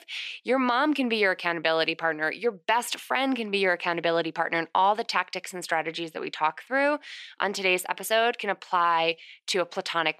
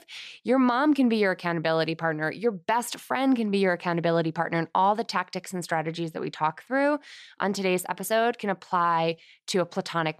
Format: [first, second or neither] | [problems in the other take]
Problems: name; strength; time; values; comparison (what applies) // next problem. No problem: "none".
second | thin; very slightly; fading below 300 Hz